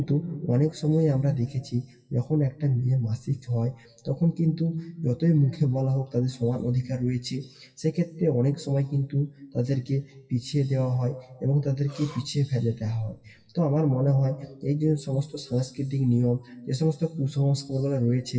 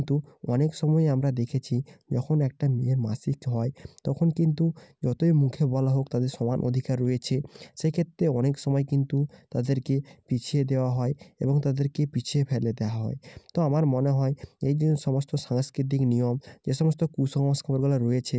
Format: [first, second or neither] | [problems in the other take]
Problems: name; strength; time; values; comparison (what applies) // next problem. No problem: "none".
second | noise reduction (classical method WPE with log-MMSE)